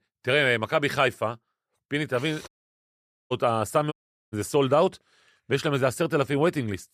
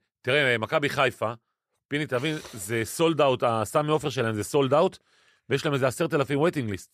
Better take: second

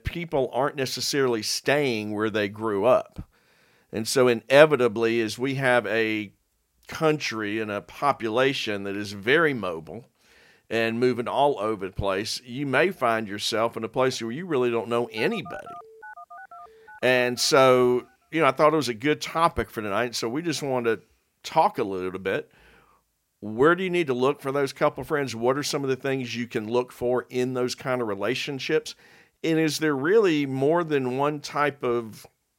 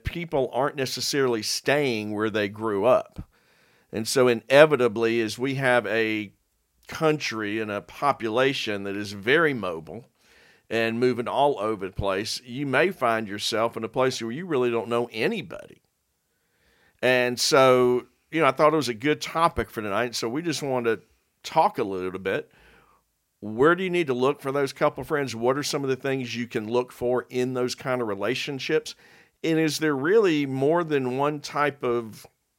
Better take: second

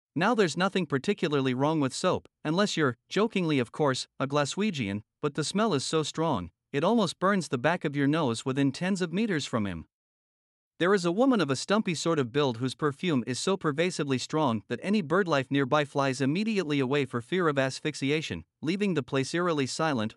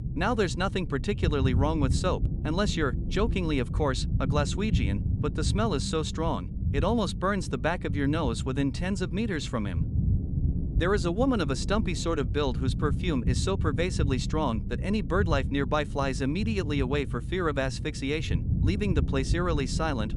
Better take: first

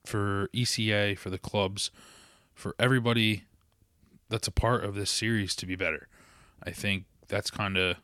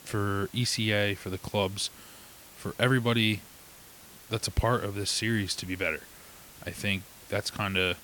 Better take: first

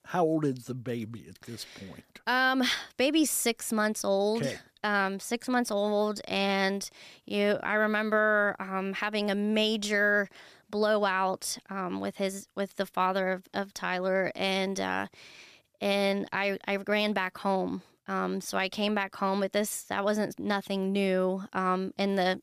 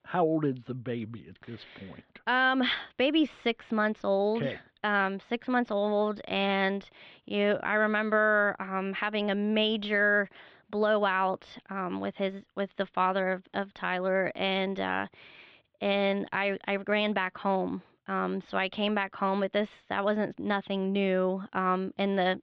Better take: first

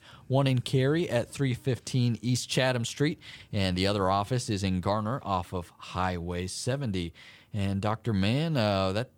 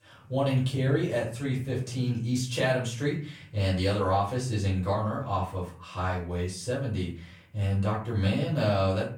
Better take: first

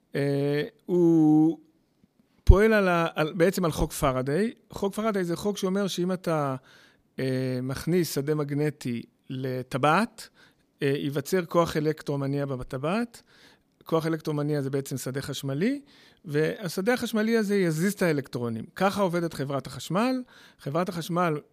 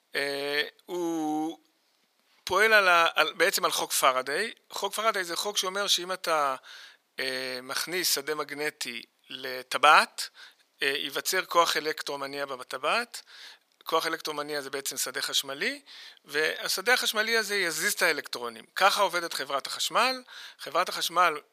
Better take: first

